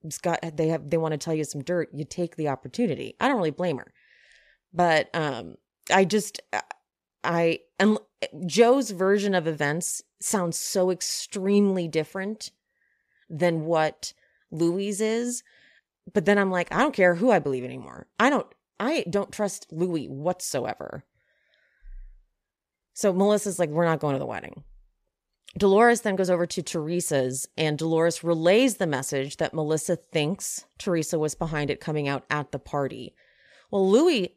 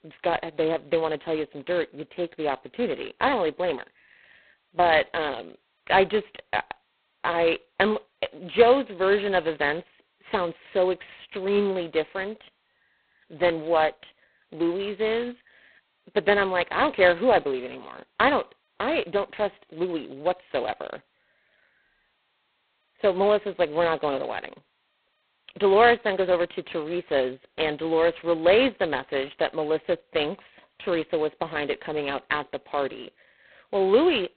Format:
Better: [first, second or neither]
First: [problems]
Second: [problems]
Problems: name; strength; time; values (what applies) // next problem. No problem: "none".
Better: first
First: none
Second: phone-call audio; poor line; nothing above 4 kHz